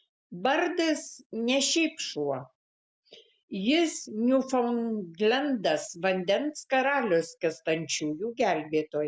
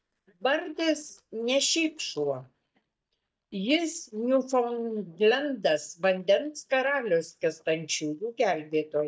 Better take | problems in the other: first | noise reduction (neural mask model DeepFilterNet 3)

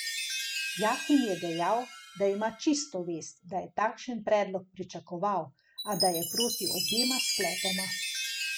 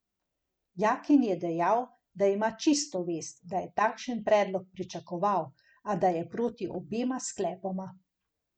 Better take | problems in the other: second | background sound (Chime); 4 dB below the speech

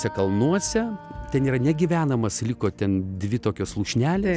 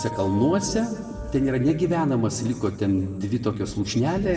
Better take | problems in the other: first | room echo; dies away in 1.3 s

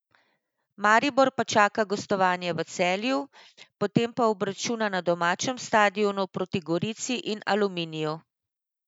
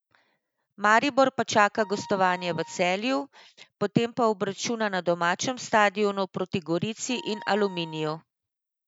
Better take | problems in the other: first | background sound (Wind instrument, woodwind instrument); 18 dB below the speech

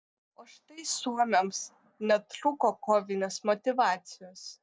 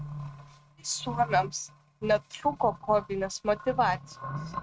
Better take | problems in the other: first | noise reduction (neural mask model RNNoise)

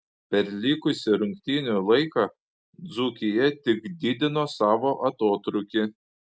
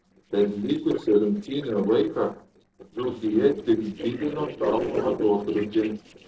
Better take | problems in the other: first | noise reduction (neural separator model SepFormer DNS4)

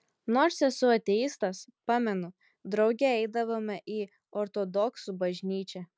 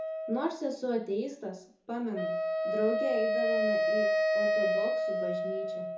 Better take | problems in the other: first | background sound (Wind instrument, woodwind instrument); 5 dB above the speech // room echo; dies away in 0.6 s

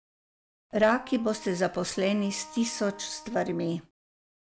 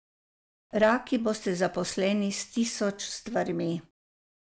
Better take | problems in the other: second | background sound (Wind instrument, woodwind instrument); 19 dB below the speech

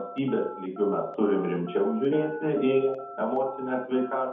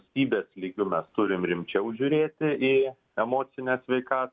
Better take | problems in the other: second | background sound (Telephone); 15 dB below the speech // room echo; dies away in 0.6 s

